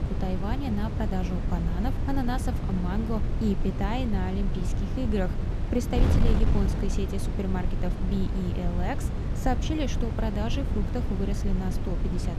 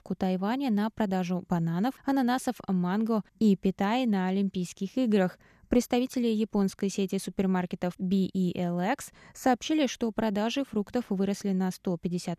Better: second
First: wind noise on the microphone; heavy; 4 dB below the speech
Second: none

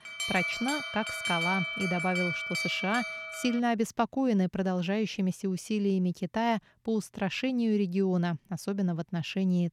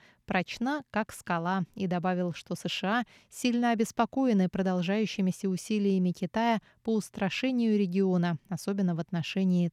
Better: second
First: alarm; loud; until 3.5 s; peak 2 dB above the speech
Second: none

